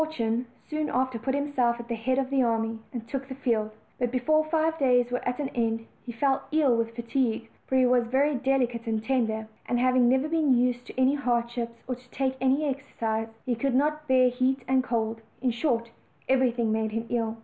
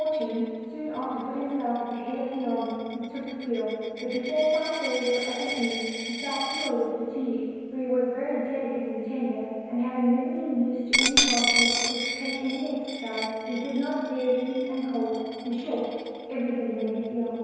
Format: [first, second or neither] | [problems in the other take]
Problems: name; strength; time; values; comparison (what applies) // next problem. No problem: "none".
first | background sound (Coin (dropping)); 5 dB below the speech // room echo; dies away in 1.9 s